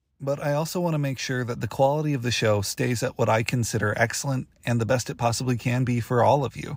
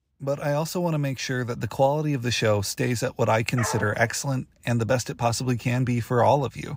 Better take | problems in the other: first | dog barking; noticeable; at 3.5 s; peak 7 dB below the speech

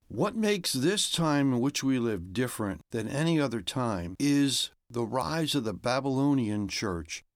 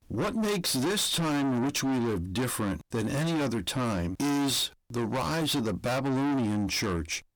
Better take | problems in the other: first | distortion; heavy; 6 dB below the speech

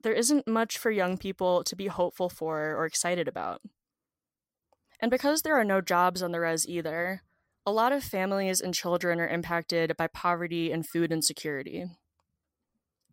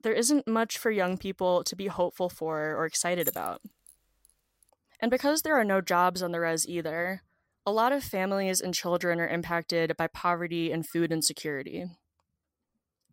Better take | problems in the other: first | jangling keys; noticeable; at 3 s; peak 5 dB below the speech

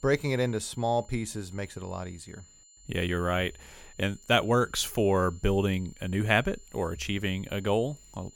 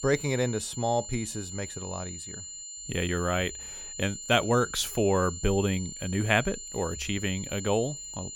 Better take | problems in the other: first | high-pitched whine; loud; throughout; 7 kHz, 9 dB below the speech; faint in the first

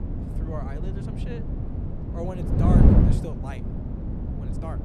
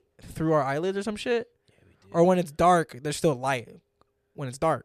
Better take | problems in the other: second | wind noise on the microphone; heavy; 4 dB above the speech

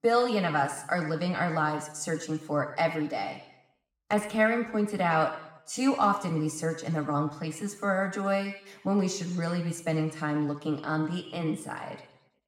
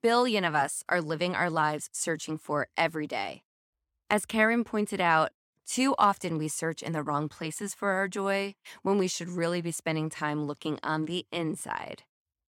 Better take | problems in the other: second | room echo; slight; dies away in 0.8 s // off-mic speech; somewhat distant

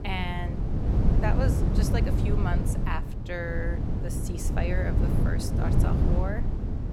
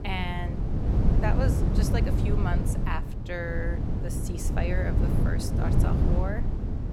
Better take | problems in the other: neither | wind noise on the microphone; heavy; 2 dB below the speech; the same in both

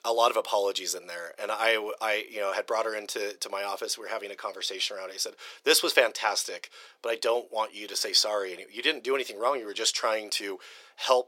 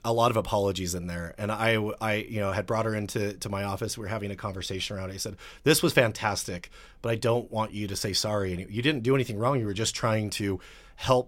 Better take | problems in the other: second | thin; very; fading below 400 Hz

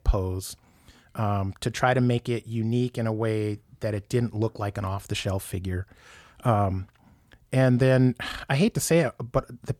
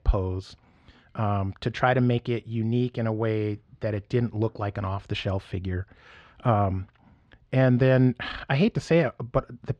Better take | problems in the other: first | muffled; slightly; fading above 4 kHz

